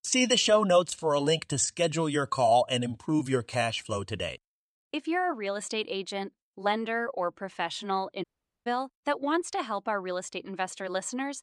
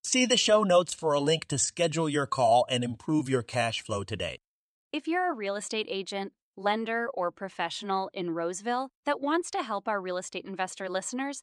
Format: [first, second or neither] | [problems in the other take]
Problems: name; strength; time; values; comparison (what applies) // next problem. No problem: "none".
second | audio cutting out; at 8 s